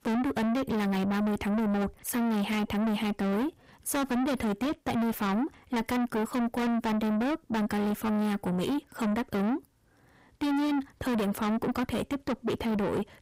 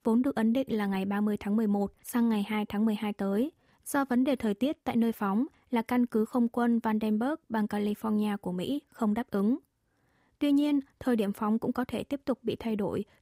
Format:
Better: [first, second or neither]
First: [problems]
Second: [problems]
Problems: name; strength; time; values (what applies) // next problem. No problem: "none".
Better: second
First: distortion; heavy; 7 dB below the speech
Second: none